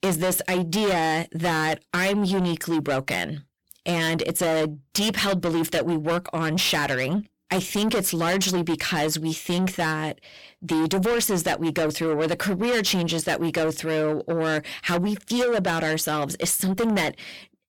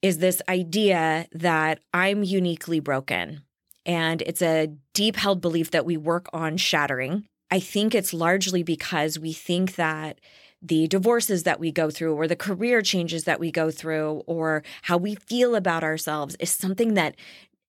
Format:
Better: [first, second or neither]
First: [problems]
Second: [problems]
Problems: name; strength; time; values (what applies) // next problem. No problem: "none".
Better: second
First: distortion; heavy; 6 dB below the speech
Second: none